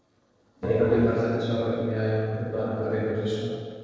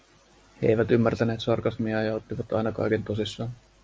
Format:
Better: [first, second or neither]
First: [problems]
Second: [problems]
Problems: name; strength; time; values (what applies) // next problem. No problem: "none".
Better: second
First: noise reduction (neural separator model SepFormer DNS4)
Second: none